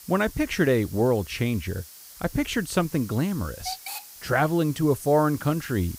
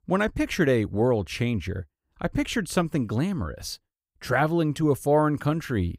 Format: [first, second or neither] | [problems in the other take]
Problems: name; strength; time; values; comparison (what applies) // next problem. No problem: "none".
second | hiss; noticeable; throughout; 15 dB below the speech